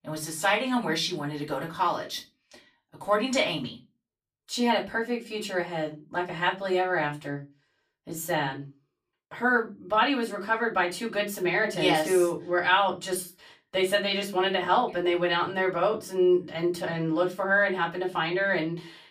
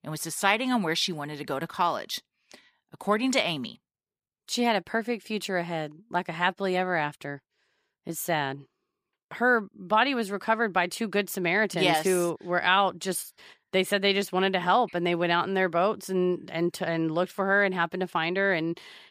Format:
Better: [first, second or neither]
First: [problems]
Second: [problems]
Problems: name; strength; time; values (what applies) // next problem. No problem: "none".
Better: second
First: off-mic speech; far // room echo; very slight; dies away in 0.2 s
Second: none